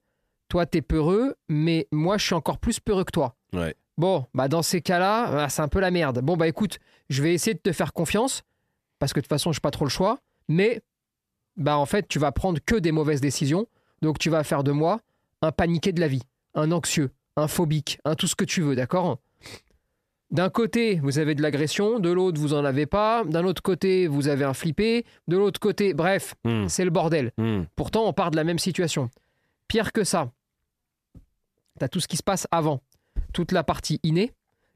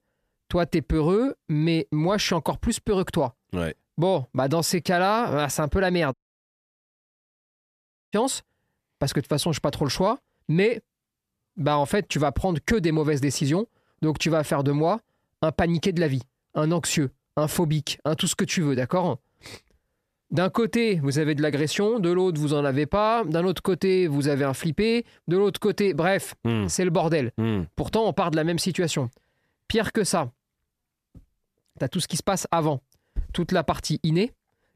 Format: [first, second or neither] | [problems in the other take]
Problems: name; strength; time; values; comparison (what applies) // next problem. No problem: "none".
first | audio cutting out; at 6 s for 2 s